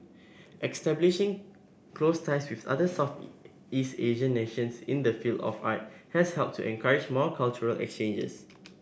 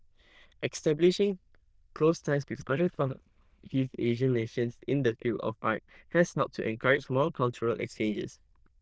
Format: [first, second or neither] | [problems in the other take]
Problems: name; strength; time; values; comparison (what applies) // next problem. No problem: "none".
first | noise reduction (neural diffusion model UNIVERSE++)